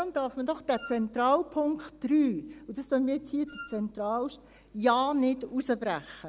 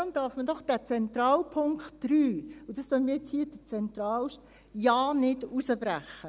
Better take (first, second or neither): second